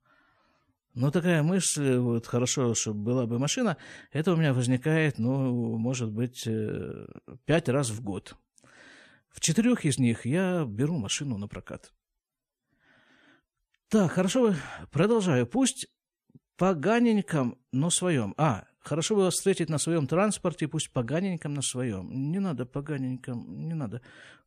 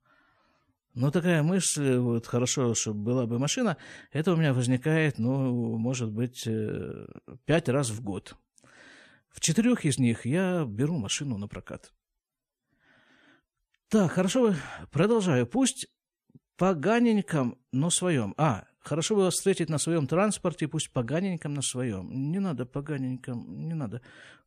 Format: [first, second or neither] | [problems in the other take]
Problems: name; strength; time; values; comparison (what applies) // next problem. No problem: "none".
neither | none